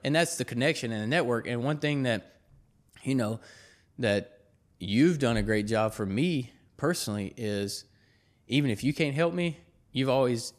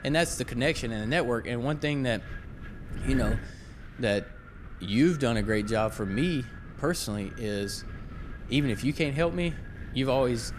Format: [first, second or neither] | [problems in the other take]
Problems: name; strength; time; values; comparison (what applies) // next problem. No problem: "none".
first | wind noise on the microphone; occasional gusts; 15 dB below the speech